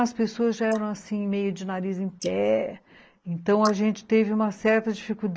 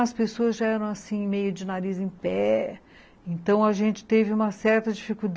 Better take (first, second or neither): second